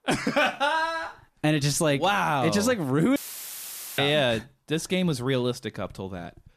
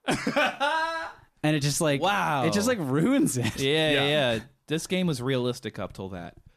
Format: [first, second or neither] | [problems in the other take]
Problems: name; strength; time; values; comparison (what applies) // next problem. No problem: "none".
second | audio cutting out; filled with static; at 3 s for 1 s